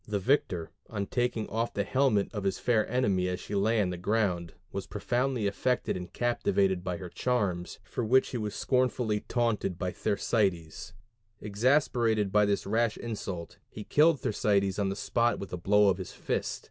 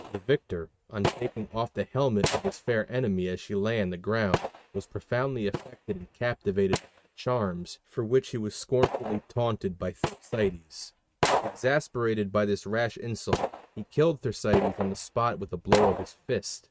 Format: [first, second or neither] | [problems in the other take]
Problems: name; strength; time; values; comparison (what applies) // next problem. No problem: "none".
first | noise reduction (neural mask model RNNoise)